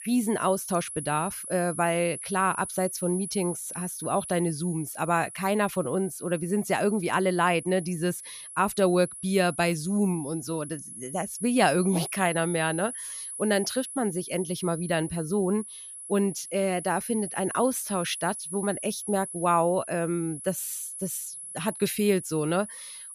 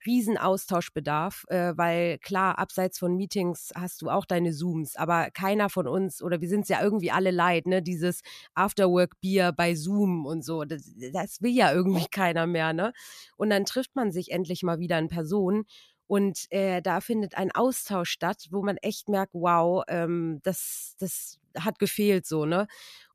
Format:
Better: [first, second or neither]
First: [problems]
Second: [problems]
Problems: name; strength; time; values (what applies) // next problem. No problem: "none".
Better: second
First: high-pitched whine; loud; throughout; 10 kHz, 9 dB below the speech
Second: none